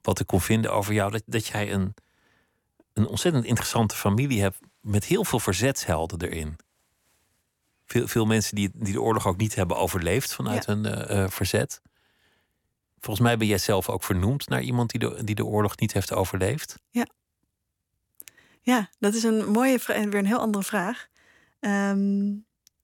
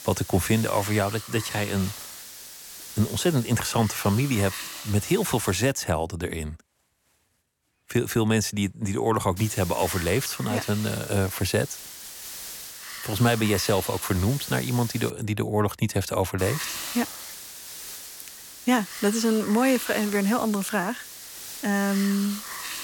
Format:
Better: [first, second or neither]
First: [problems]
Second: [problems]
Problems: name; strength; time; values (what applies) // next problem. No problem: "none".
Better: first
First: none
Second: hiss; noticeable; until 5.5 s, from 9.5 to 15 s and from 16 s on; 10 dB below the speech